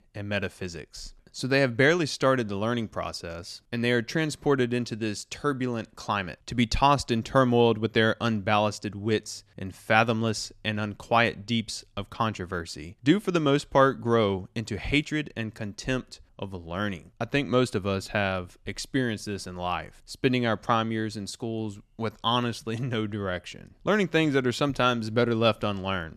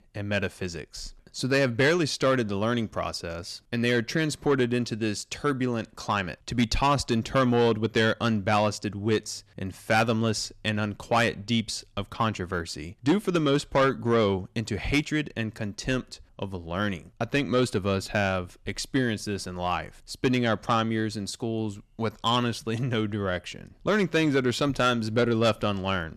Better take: first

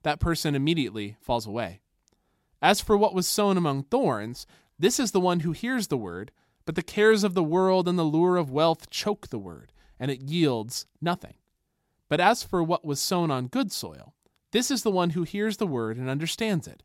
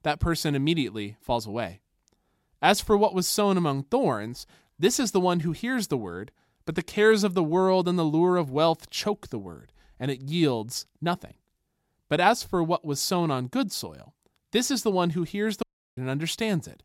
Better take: first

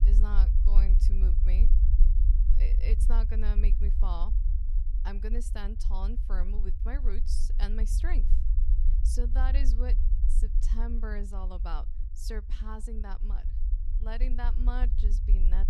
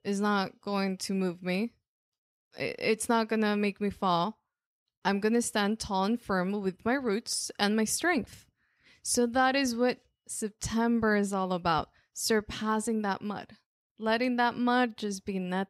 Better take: second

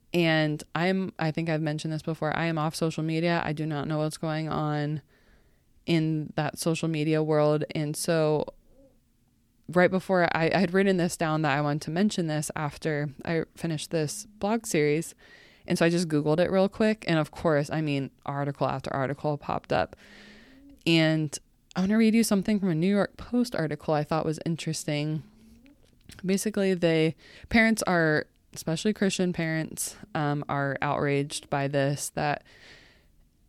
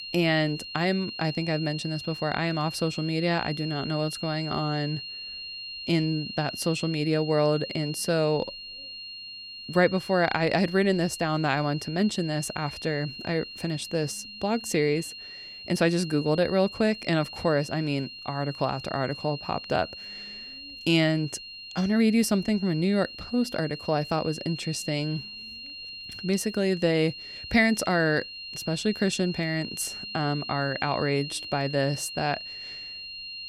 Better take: first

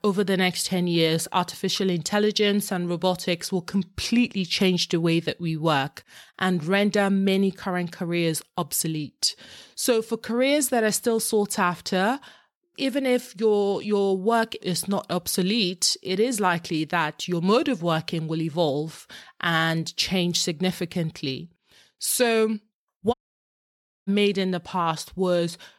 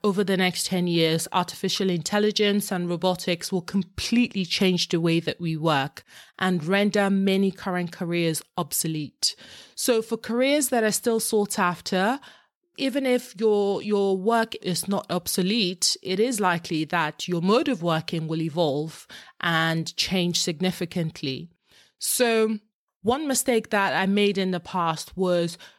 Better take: second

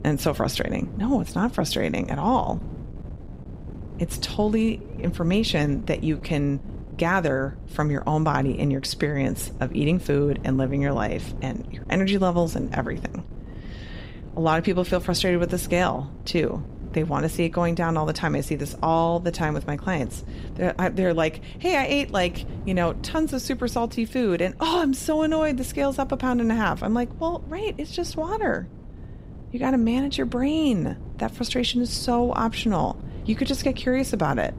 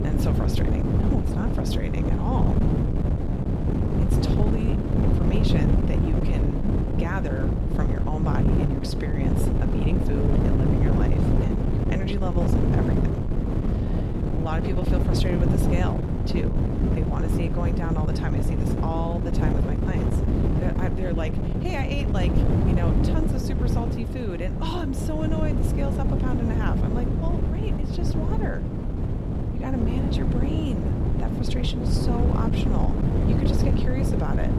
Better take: first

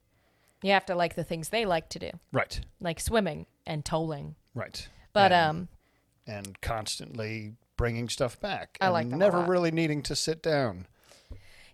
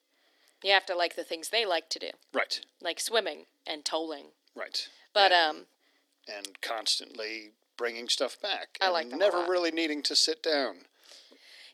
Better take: first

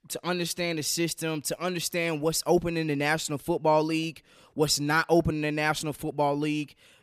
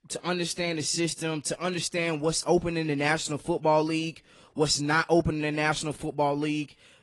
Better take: first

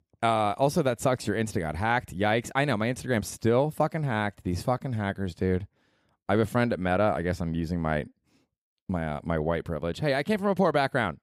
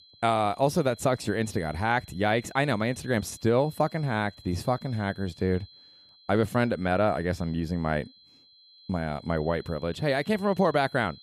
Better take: first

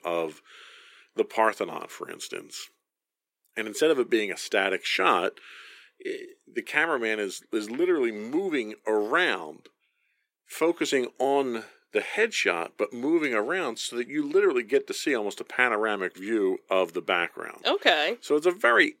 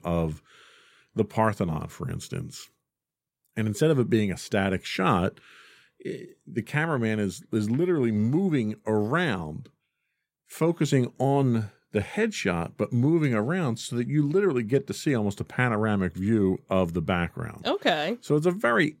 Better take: second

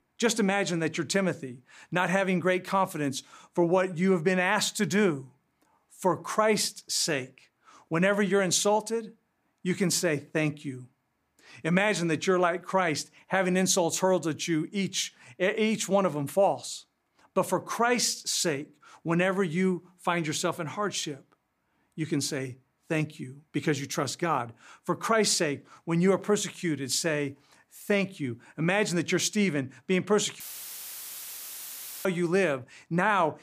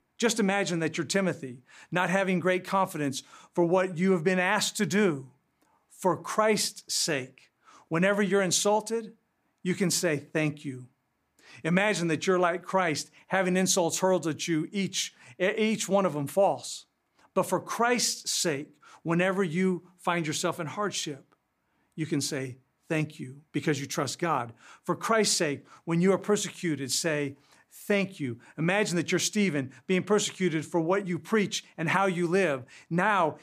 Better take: second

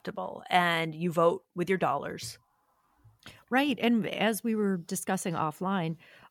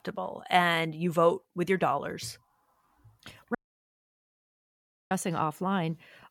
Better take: first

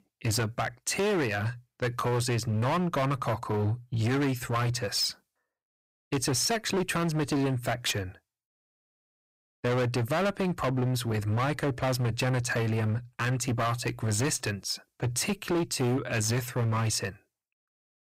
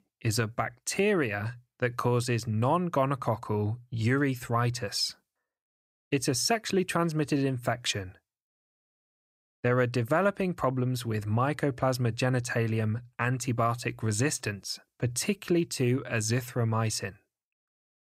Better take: second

